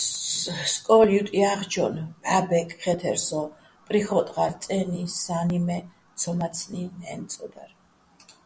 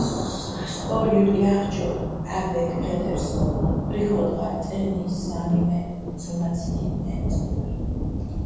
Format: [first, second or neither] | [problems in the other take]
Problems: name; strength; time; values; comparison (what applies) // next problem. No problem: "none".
first | background sound (Thunder); 2 dB below the speech // room echo; dies away in 1.3 s